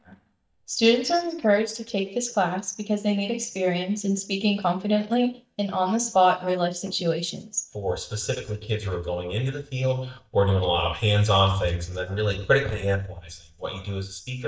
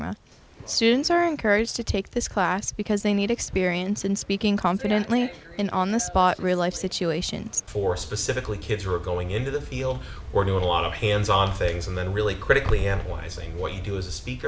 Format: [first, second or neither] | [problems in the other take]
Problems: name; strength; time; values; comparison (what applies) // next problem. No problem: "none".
second | noise reduction (neural mask model DeepFilterNet 3)